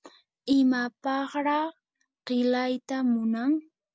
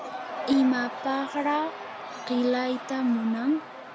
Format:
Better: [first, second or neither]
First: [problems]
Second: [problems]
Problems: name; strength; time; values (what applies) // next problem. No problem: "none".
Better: first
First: none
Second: background sound (Crowd / Cheering); 10 dB below the speech